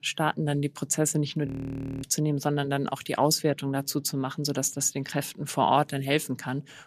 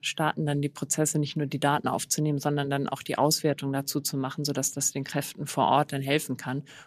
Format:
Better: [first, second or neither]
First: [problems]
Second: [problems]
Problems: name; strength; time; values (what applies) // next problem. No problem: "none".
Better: second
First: audio freezing; at 1.5 s for 0.5 s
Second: none